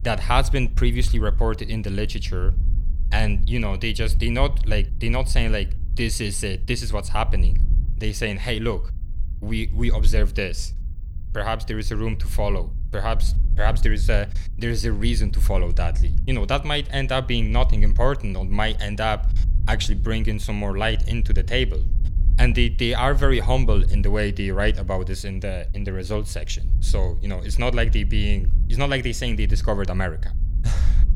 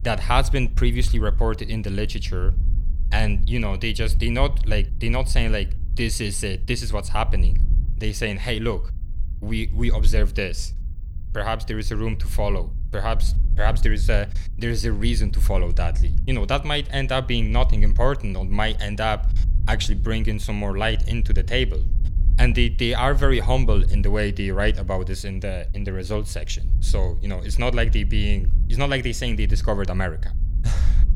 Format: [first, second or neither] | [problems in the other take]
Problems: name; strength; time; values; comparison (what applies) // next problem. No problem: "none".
neither | wind noise on the microphone; occasional gusts; 20 dB below the speech; the same in both